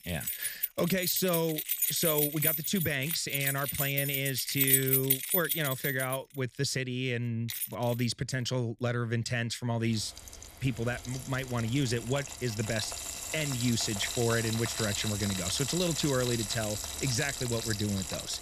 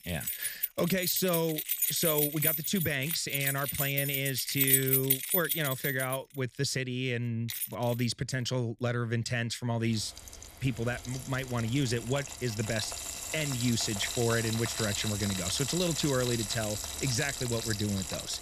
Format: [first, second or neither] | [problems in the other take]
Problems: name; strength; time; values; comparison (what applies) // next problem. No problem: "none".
neither | household noises; loud; throughout; as loud as the speech; the same in both